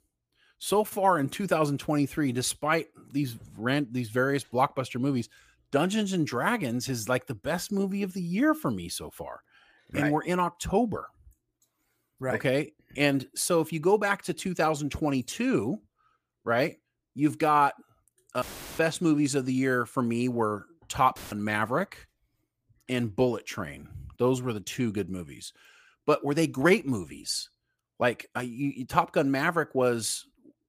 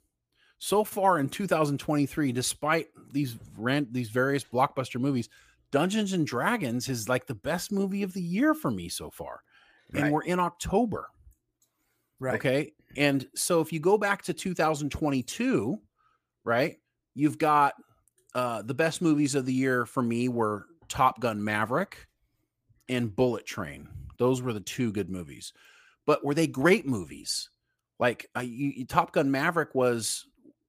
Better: second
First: audio cutting out; filled with static; at 18 s and at 21 s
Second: none

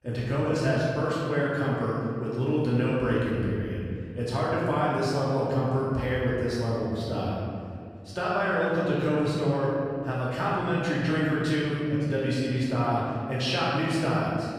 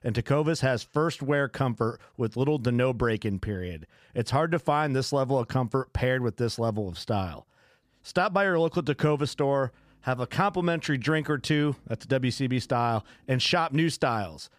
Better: second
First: room echo; strong; dies away in 2.3 s // off-mic speech; far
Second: none

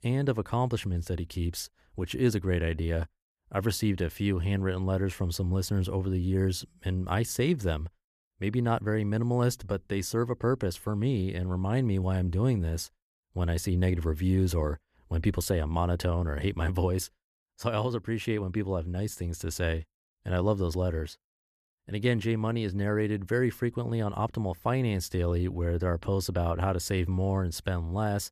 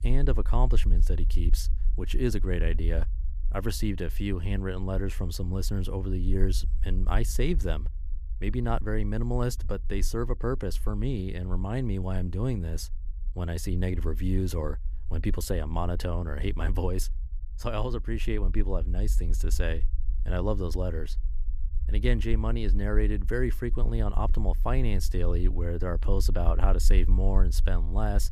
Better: first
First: none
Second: low rumble; noticeable; throughout; 20 dB below the speech

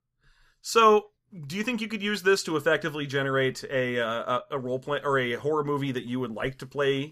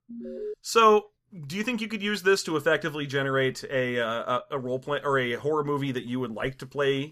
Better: first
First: none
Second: alarm; noticeable; at the start; peak 10 dB below the speech

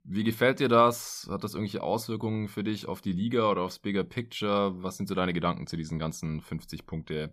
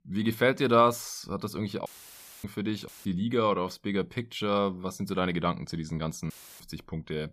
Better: first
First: none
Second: audio cutting out; filled with static; at 2 s for 0.5 s, at 3 s and at 6.5 s

